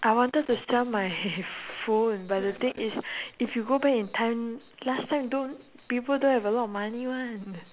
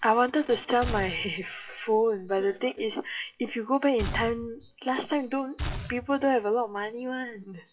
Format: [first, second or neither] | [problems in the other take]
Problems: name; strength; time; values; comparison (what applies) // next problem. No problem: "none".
first | noise reduction (classical method WPE with log-MMSE)